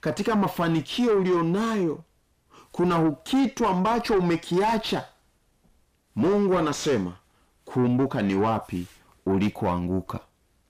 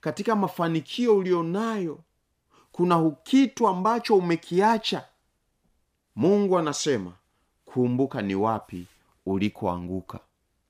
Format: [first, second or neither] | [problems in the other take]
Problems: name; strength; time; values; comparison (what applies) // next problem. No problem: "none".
second | distortion; heavy; 7 dB below the speech